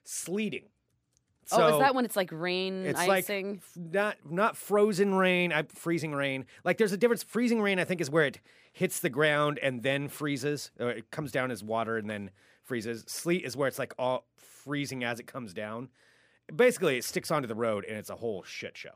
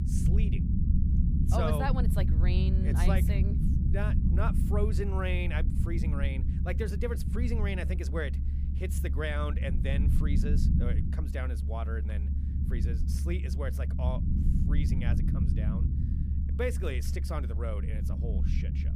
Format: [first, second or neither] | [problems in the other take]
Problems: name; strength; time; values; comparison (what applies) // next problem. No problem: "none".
first | low rumble; loud; throughout; 5 dB below the speech